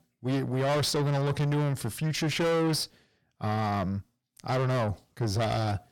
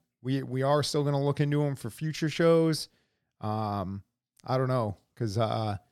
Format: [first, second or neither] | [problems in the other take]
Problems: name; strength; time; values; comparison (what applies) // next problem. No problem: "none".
second | distortion; heavy; 6 dB below the speech